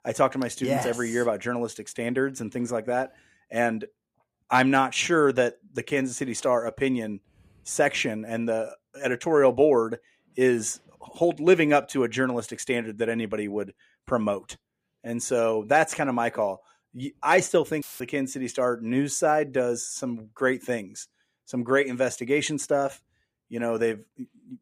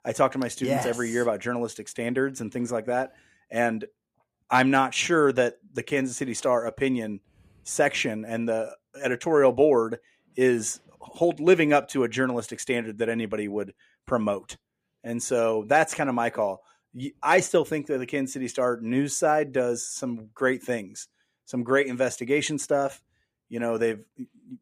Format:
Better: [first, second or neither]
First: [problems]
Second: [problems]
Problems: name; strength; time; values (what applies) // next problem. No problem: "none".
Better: second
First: audio cutting out; filled with static; at 18 s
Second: none